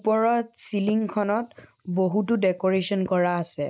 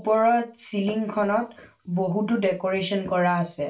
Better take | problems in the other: first | room echo; dies away in 0.3 s

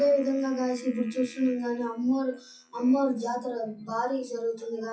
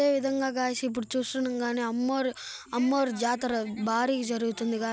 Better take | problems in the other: second | noise reduction (classical method WPE with log-MMSE)

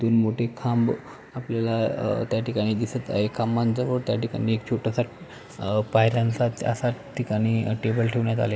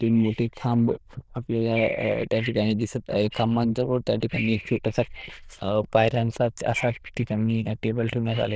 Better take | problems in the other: first | noise reduction (neural diffusion model UNIVERSE++)

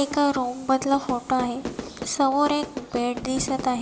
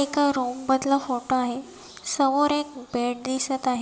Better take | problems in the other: second | background sound (Fire / Fireworks); 12 dB below the speech

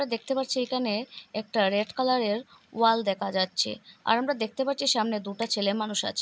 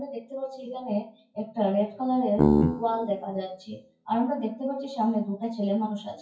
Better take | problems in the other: first | noise reduction (classical method WPE with log-MMSE)

